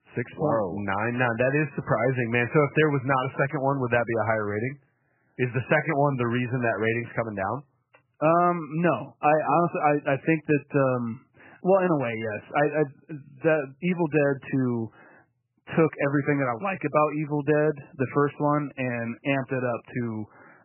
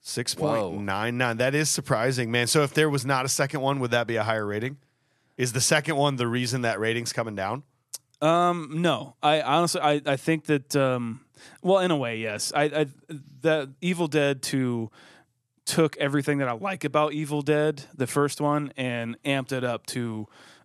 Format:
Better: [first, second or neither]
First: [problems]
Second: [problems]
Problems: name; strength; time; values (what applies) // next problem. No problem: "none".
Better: second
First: garbled, watery; badly; nothing above 2.5 kHz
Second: none